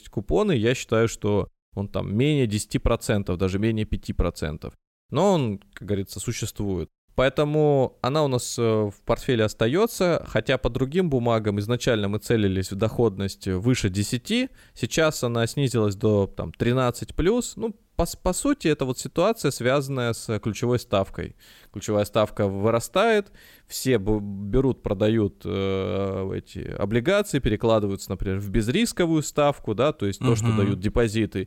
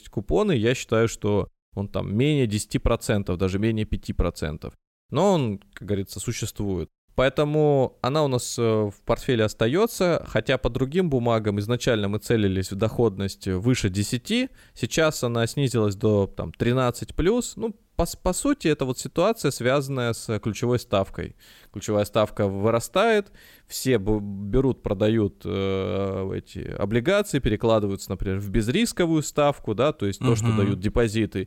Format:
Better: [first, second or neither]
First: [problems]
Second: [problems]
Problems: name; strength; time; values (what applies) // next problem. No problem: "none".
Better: neither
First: none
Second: none